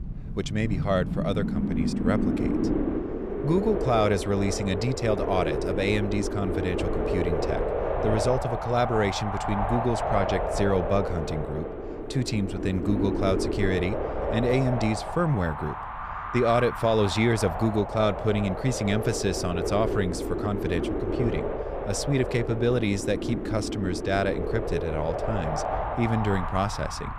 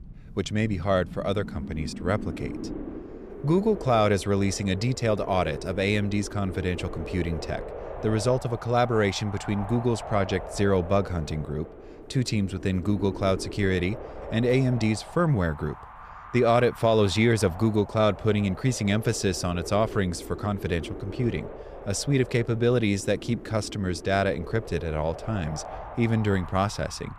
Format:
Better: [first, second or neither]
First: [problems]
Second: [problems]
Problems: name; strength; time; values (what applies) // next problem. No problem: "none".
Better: second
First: wind noise on the microphone; heavy; 2 dB below the speech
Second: wind noise on the microphone; occasional gusts; 15 dB below the speech